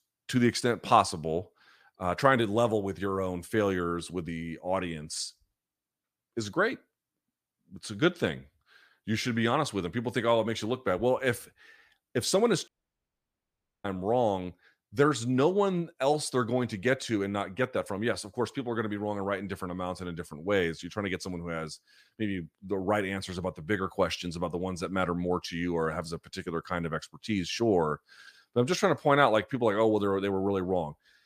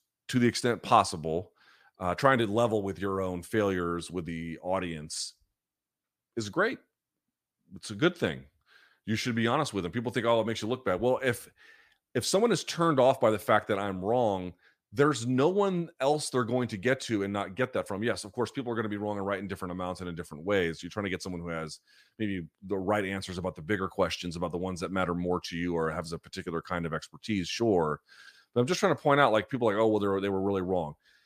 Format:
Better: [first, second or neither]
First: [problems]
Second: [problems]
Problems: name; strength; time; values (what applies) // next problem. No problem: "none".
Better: second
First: audio cutting out; at 13 s for 1 s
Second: none